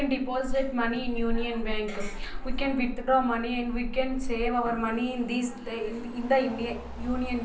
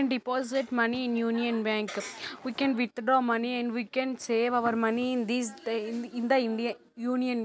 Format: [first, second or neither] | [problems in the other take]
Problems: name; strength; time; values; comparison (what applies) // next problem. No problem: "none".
second | background sound (Motor vehicle (road)); 4 dB below the speech // room echo; dies away in 0.6 s